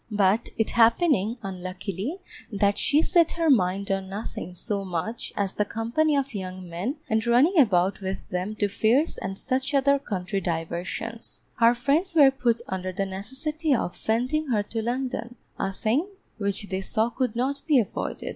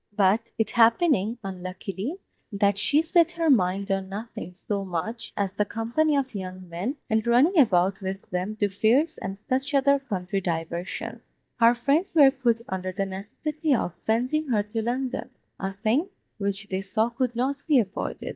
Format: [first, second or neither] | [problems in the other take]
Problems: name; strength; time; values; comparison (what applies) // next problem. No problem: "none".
first | noise reduction (neural mask model DeepFilterNet 3)